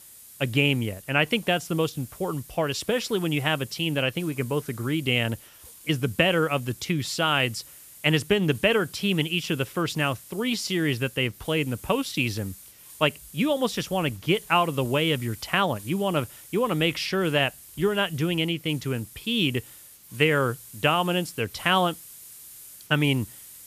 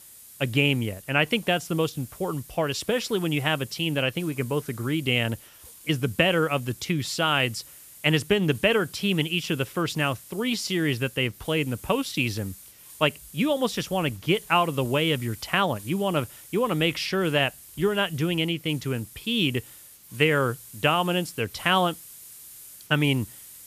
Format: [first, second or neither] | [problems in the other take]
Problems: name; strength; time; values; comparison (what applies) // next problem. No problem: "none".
neither | hiss; noticeable; throughout; 20 dB below the speech; the same in both